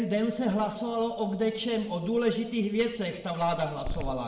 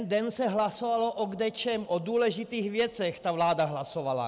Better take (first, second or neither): second